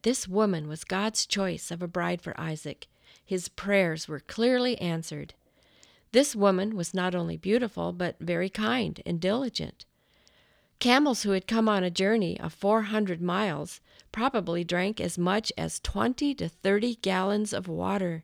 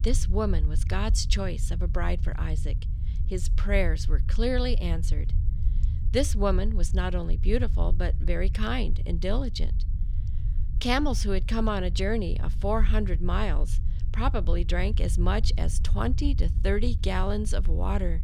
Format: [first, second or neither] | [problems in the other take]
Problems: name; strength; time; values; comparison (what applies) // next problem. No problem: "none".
first | low rumble; noticeable; throughout; 15 dB below the speech